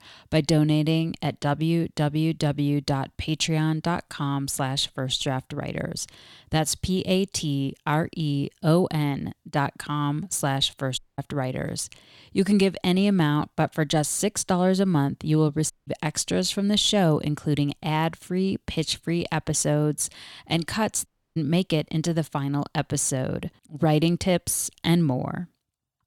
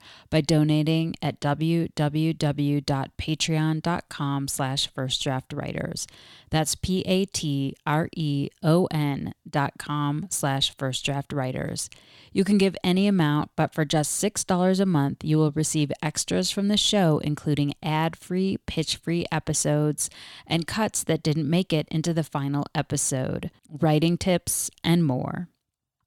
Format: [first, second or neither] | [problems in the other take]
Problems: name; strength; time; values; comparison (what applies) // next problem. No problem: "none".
second | audio cutting out; at 11 s, at 16 s and at 21 s